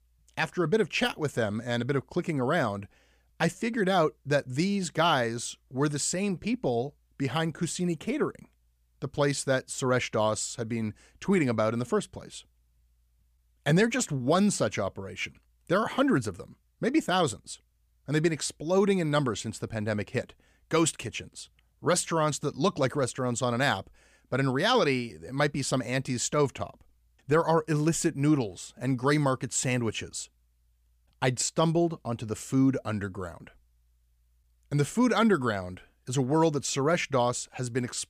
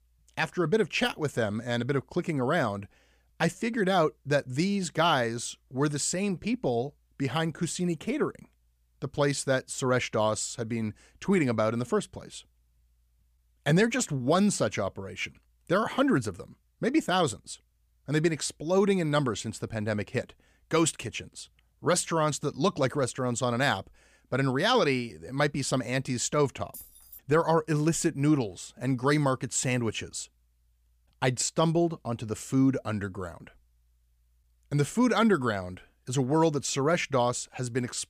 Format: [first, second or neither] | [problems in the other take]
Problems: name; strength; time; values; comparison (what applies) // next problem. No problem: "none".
first | jangling keys; faint; at 27 s; peak 15 dB below the speech